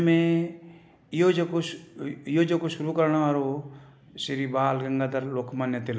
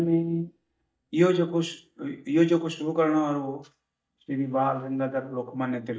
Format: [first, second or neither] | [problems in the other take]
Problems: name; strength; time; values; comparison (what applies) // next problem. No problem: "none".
first | noise reduction (neural mask model DeepFilterNet 3)